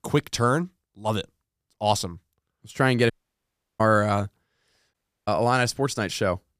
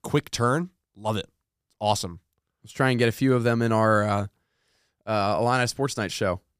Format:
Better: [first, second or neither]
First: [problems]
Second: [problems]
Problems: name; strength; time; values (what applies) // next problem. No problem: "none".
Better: second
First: audio cutting out; at 3 s for 0.5 s and at 5 s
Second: none